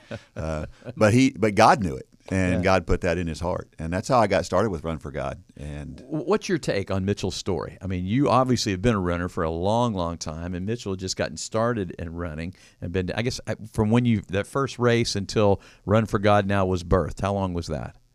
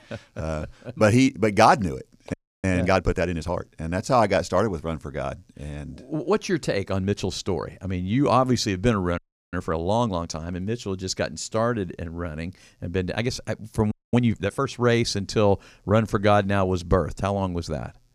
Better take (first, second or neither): first